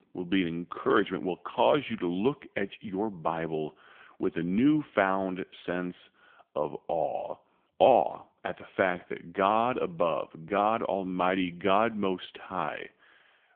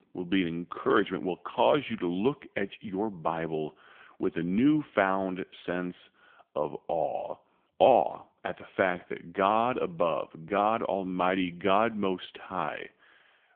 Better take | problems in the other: neither | phone-call audio; poor line; nothing above 3.5 kHz; the same in both

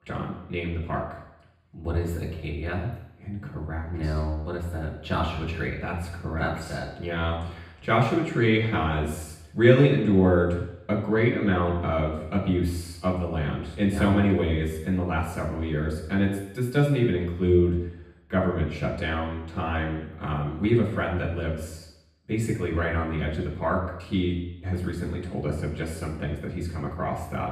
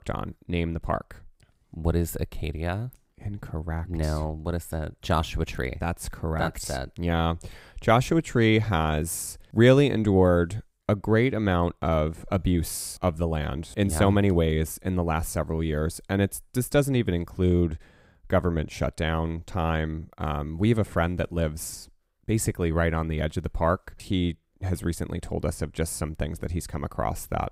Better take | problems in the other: second | room echo; noticeable; dies away in 0.9 s // off-mic speech; far

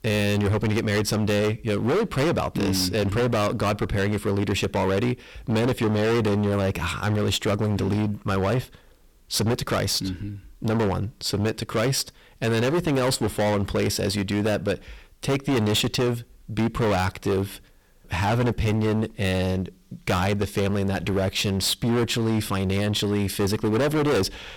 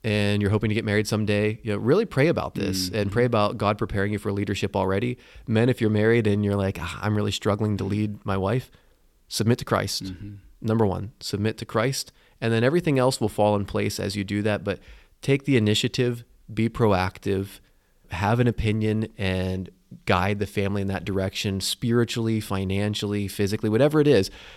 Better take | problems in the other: second | distortion; heavy; 22% of the sound clipped

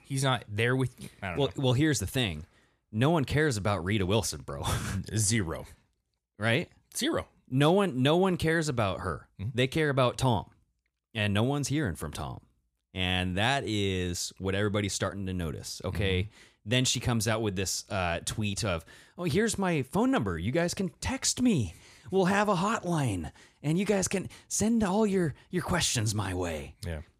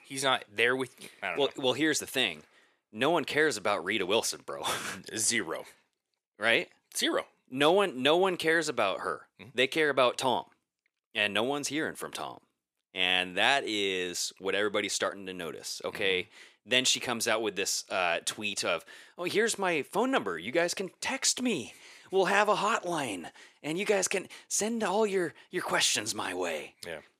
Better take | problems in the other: first | thin; somewhat; fading below 400 Hz

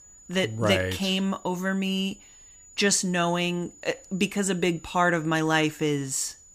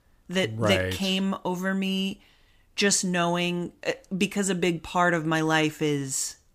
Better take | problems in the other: second | high-pitched whine; faint; throughout; 7 kHz, 25 dB below the speech

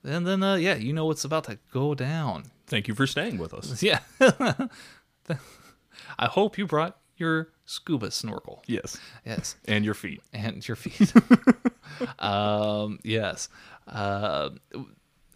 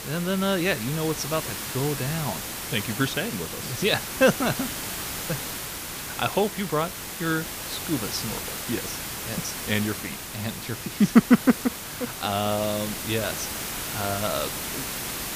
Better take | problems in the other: first | hiss; loud; throughout; 5 dB below the speech

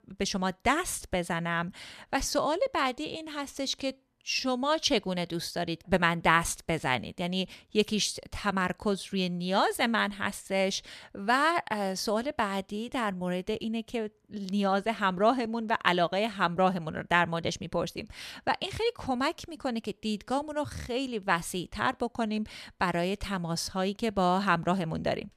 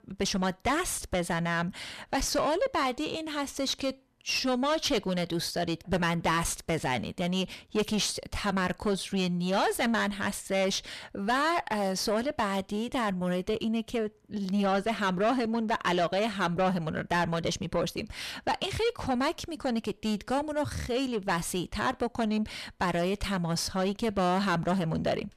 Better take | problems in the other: first | distortion; heavy; 7 dB below the speech

